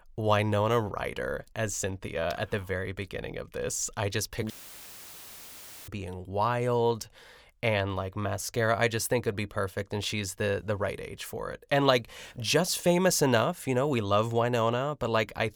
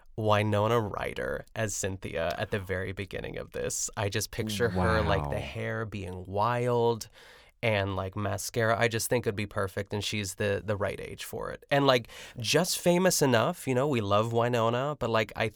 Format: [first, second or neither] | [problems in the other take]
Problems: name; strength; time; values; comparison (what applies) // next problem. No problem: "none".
second | audio cutting out; filled with static; at 4.5 s for 1.5 s